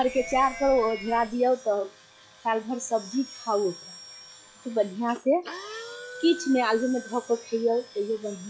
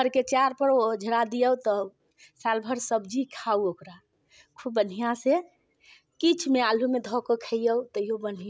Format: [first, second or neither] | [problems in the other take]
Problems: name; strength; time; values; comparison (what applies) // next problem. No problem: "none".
second | noise reduction (classical method log-MMSE)